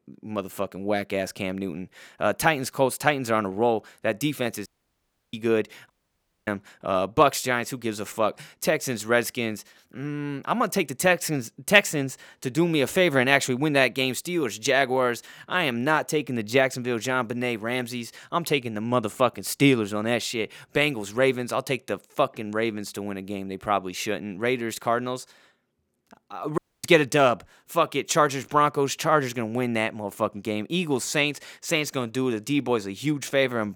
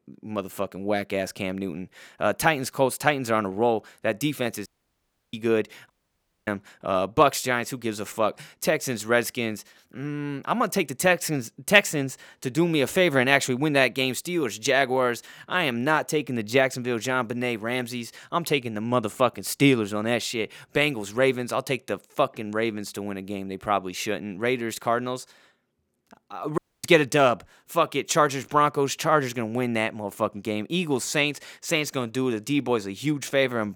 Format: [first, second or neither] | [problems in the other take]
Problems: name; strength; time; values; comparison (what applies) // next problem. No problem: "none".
neither | audio cutting out; at 4.5 s for 0.5 s, at 6 s for 0.5 s and at 27 s; the same in both